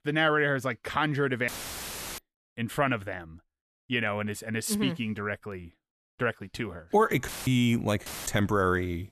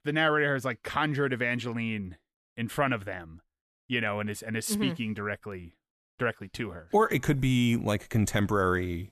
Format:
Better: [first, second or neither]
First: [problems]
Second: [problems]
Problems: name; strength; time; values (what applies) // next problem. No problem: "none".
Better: second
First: audio cutting out; filled with static; at 1.5 s for 0.5 s, at 7.5 s and at 8 s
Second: none